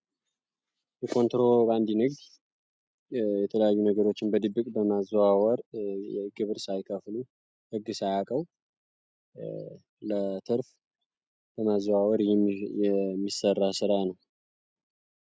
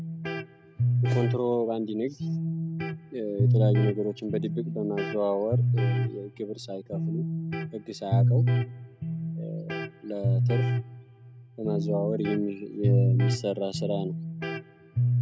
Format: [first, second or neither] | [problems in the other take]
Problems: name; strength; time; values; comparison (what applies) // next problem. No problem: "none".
first | background sound (Electric guitar); 5 dB above the speech